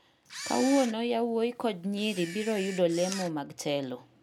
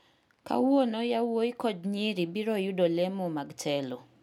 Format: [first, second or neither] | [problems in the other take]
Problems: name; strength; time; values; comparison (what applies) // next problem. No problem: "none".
second | background sound (Camera); 13 dB below the speech